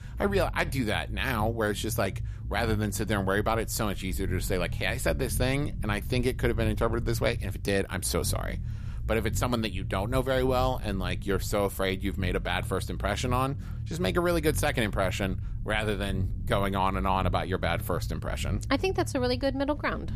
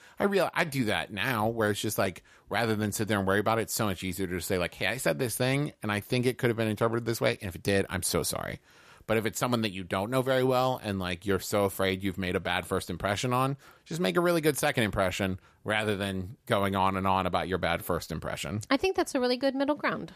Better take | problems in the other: second | low rumble; faint; throughout; 20 dB below the speech

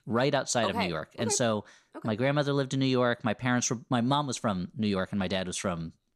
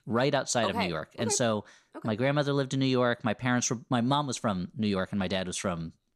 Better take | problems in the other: neither | none

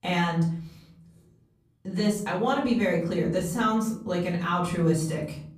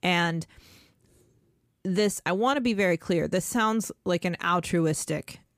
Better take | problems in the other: second | off-mic speech; far // room echo; slight; dies away in 0.7 s

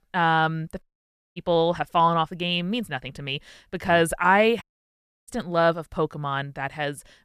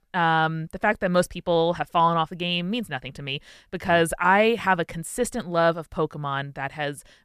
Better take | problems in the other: second | audio cutting out; at 1 s for 0.5 s and at 4.5 s for 0.5 s

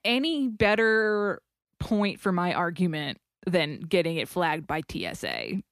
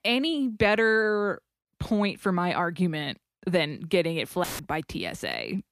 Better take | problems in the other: first | audio cutting out; filled with static; at 4.5 s

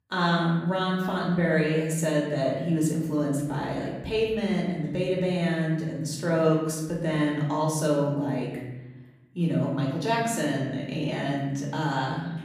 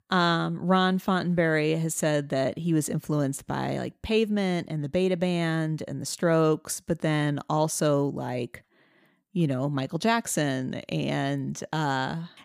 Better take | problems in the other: second | off-mic speech; far // room echo; noticeable; dies away in 1.1 s

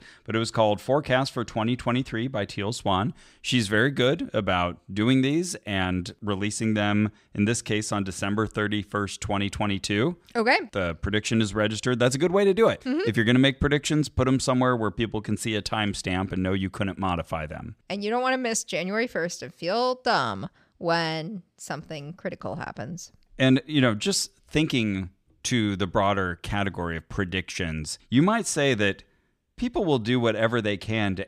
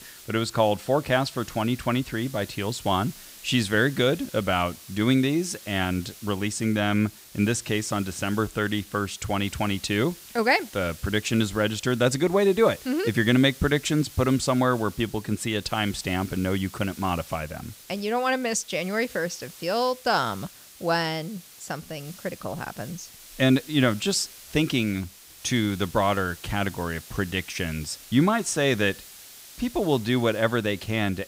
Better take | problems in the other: first | hiss; noticeable; throughout; 20 dB below the speech

